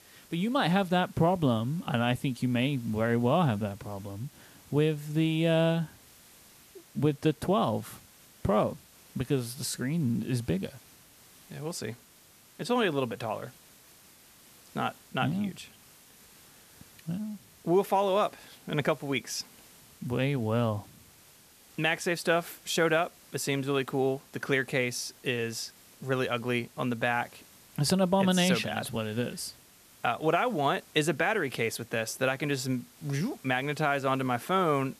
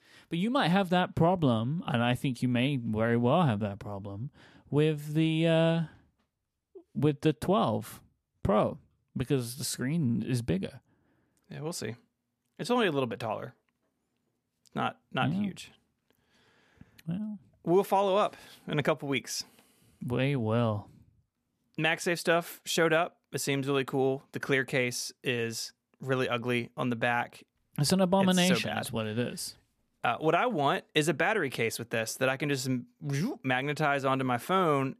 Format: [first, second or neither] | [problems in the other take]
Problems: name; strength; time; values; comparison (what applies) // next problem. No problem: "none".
second | hiss; faint; throughout; 25 dB below the speech